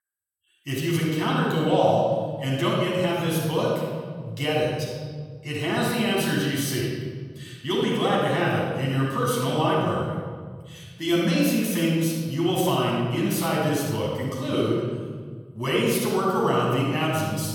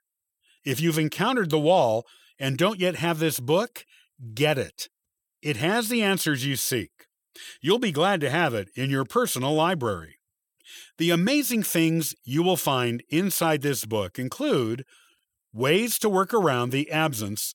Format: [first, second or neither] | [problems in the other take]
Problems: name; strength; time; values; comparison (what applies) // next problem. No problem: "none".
second | off-mic speech; far // room echo; strong; dies away in 2 s